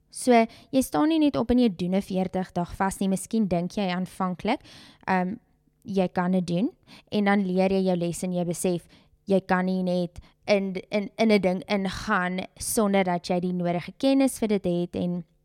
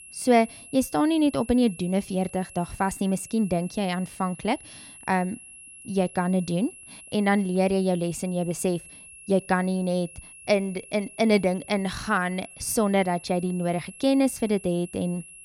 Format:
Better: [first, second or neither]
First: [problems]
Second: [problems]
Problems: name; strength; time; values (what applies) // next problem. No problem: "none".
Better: first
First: none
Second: high-pitched whine; noticeable; throughout; 11 kHz, 20 dB below the speech